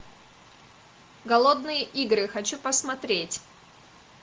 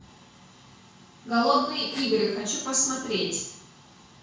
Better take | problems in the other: first | background sound (Whoosh, swoosh, swish); 16 dB below the speech // room echo; dies away in 0.6 s

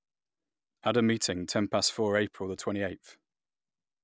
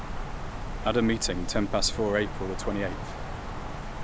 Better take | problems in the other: first | background sound (Wind); 3 dB below the speech

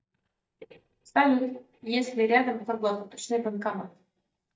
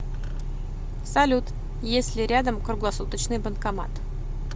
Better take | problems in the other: second | noise reduction (neural mask model DeepFilterNet 3)

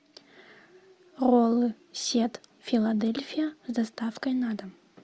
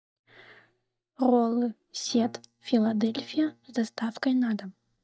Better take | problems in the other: first | noise reduction (neural mask model DeepFilterNet 3)

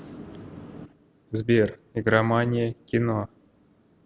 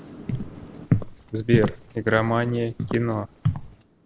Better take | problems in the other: first | background sound (Walk, footsteps); 2 dB below the speech

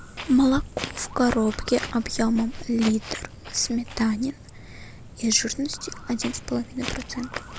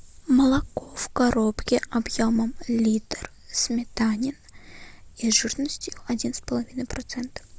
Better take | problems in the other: second | background sound (Walk, footsteps); 14 dB below the speech

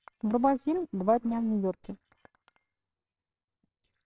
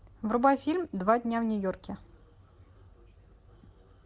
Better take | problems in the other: second | noise reduction (neural separator model SepFormer WHAMR!)

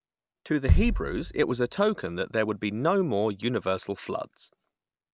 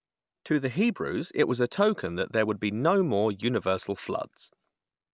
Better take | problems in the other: second | background sound (Bass drum); 3 dB below the speech

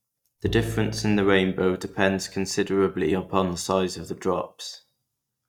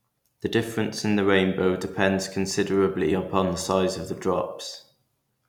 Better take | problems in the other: second | noise reduction (neural mask model DeepFilterNet 3)

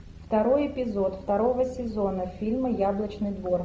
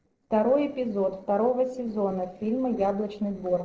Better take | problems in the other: first | noise reduction (neural separator model SepFormer DNS4)

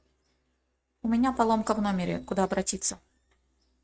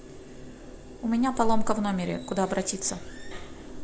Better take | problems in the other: second | noise reduction (neural mask model RNNoise)

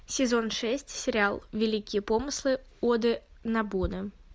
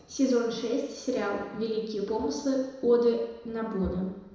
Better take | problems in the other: first | room echo; dies away in 1 s

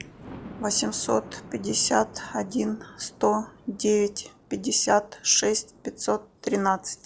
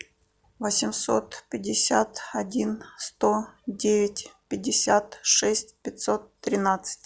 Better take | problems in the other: second | background sound (Thunder); 20 dB below the speech

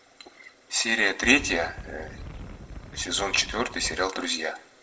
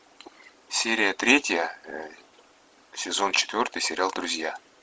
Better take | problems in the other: second | background sound (Wind); 12 dB below the speech // room echo; dies away in 0.6 s

